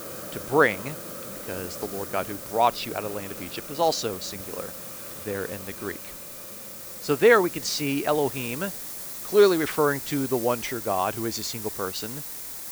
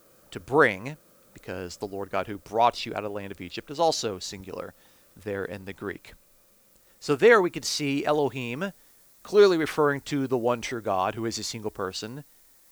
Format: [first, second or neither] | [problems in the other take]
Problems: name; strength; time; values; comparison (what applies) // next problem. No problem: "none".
second | hiss; loud; throughout; 9 dB below the speech; faint in the second